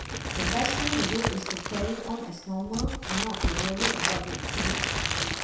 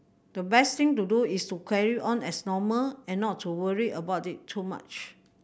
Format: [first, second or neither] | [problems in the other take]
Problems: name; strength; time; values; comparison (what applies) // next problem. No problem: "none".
second | background sound (Crumpling, crinkling); 4 dB above the speech // room echo; dies away in 0.7 s